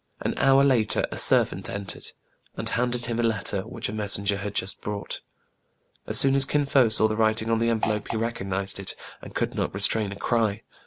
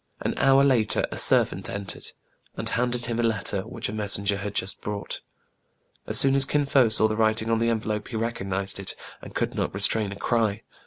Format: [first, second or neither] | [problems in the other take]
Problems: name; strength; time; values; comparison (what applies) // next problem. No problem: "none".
second | background sound (Fart); 8 dB below the speech